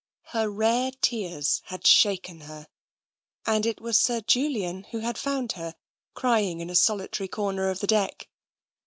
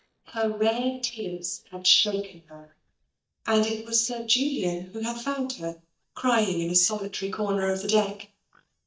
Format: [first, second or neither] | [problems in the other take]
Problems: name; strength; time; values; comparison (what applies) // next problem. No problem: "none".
first | noise reduction (neural mask model DeepFilterNet 3)